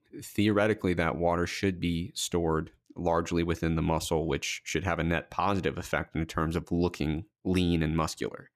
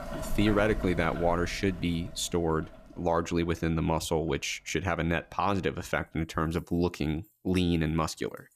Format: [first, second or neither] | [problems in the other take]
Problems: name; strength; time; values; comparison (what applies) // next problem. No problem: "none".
first | household noises; noticeable; throughout; 10 dB below the speech